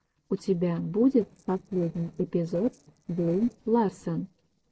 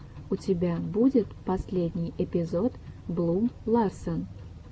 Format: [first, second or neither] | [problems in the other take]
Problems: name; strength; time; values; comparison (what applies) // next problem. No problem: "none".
second | noise reduction (neural separator model SepFormer DNS4)